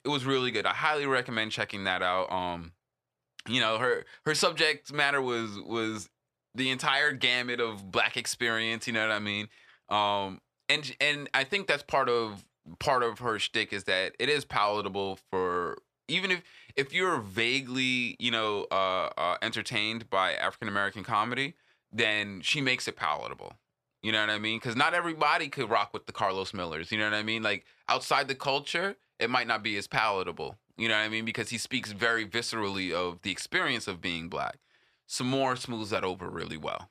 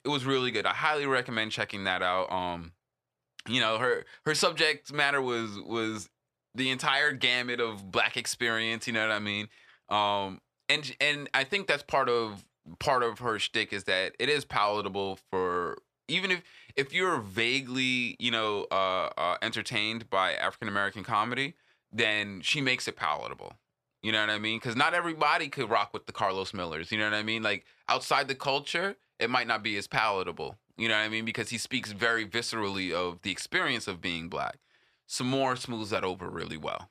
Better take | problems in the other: neither | none

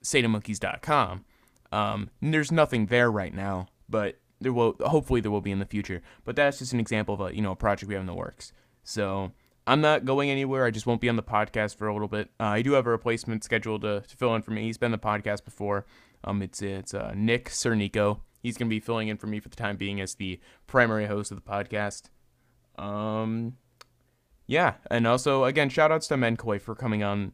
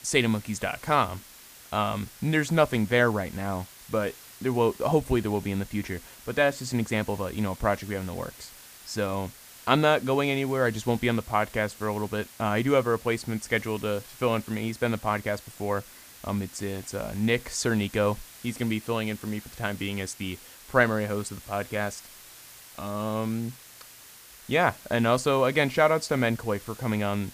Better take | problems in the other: first | hiss; noticeable; throughout; 20 dB below the speech

